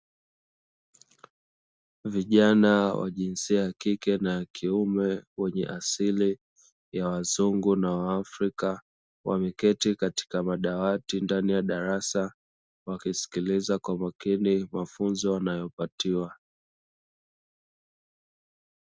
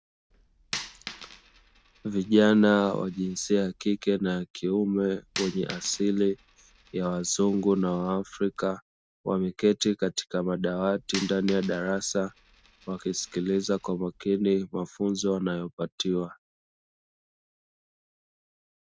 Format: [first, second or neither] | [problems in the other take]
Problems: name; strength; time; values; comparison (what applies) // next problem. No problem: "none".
first | background sound (Coin (dropping)); 17 dB below the speech